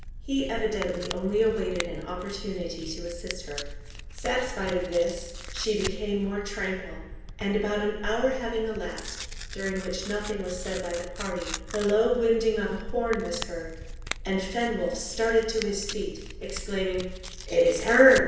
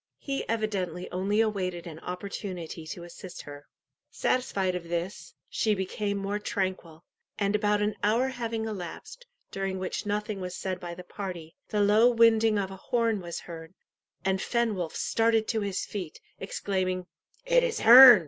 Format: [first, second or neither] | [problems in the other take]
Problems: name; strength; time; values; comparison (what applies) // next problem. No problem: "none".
second | background sound (Tearing); 10 dB below the speech // room echo; dies away in 0.9 s